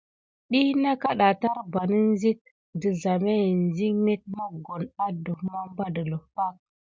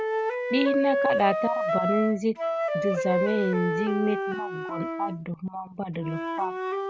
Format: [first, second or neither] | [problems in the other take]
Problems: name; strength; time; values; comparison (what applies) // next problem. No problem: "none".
first | background sound (Wind instrument, woodwind instrument); as loud as the speech